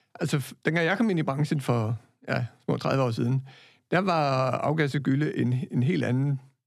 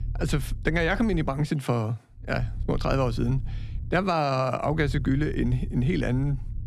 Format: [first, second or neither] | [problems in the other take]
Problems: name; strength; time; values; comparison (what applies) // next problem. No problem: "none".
first | low rumble; faint; until 1.5 s, from 2.5 to 4 s and from 4.5 s on; 25 dB below the speech